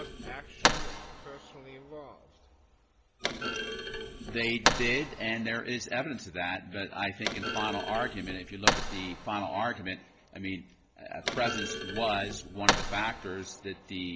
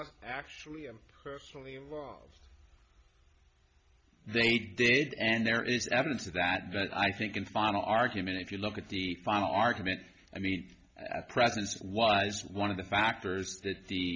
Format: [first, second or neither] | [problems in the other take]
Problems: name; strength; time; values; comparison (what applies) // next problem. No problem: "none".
second | background sound (Thump, thud); 1 dB above the speech